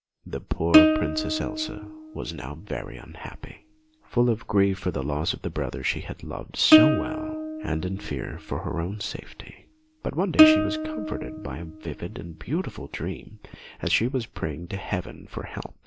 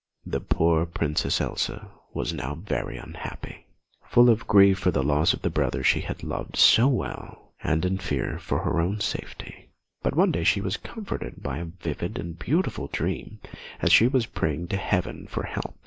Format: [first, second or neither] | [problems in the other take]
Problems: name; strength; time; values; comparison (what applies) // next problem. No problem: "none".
second | background sound (Plucked string instrument); 3 dB above the speech